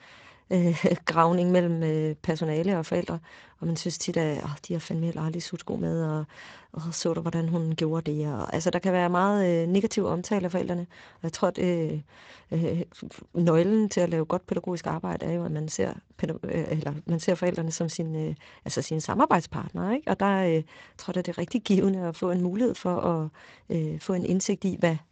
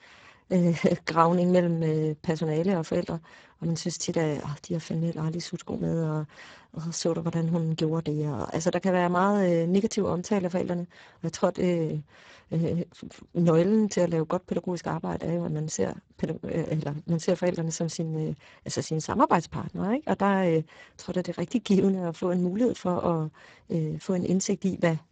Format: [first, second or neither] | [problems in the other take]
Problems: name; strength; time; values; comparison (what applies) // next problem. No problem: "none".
first | garbled, watery; badly; nothing above 7.5 kHz; slightly in the first